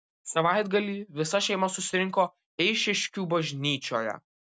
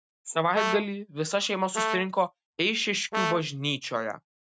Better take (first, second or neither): first